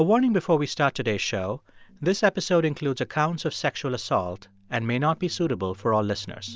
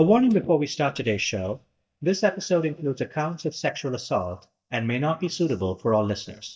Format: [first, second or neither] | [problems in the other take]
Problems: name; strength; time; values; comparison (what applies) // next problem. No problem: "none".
first | noise reduction (neural mask model DeepFilterNet 3)